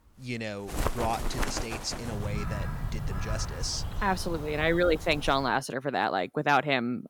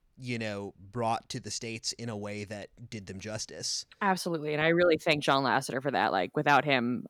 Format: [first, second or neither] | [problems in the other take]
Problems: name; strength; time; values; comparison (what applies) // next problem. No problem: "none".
second | animal sounds; loud; until 5.5 s; 7 dB below the speech